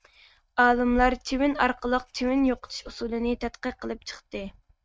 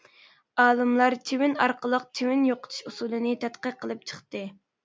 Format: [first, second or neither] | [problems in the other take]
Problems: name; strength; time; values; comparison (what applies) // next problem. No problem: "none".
second | noise reduction (neural mask model RNNoise)